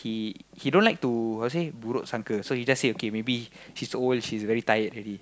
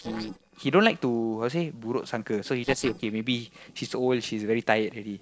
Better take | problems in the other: first | noise reduction (neural separator model SepFormer DNS4)

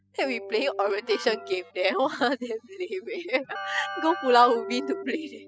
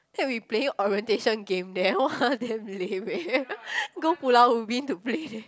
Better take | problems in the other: second | noise reduction (classical method spectral subtraction)

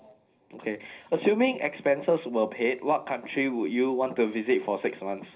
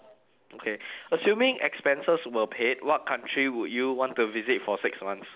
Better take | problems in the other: second | room echo; dies away in 0.4 s

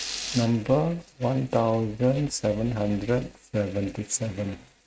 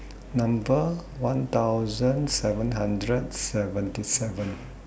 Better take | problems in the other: second | noise reduction (neural mask model RNNoise)

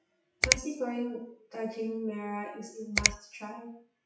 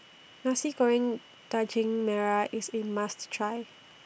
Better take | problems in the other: second | noise reduction (classical method WPE with log-MMSE)

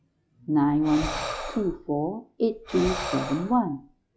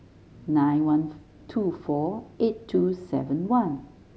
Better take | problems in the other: second | noise reduction (classical method log-MMSE)

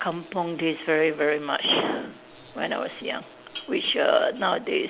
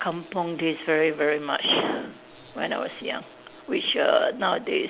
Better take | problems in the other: second | background sound (Dishes, pots, and pans); 19 dB below the speech

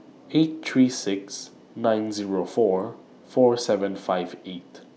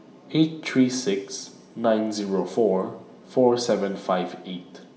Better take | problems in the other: first | room echo; dies away in 0.8 s

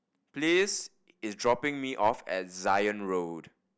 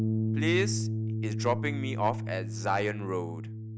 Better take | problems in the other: first | background sound (Bass guitar); 1 dB above the speech

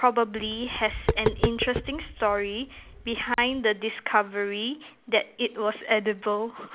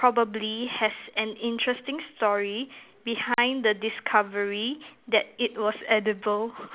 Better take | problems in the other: second | background sound (Tap); 5 dB below the speech

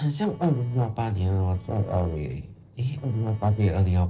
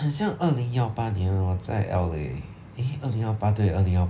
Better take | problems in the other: second | noise reduction (neural separator model SepFormer DNS4)

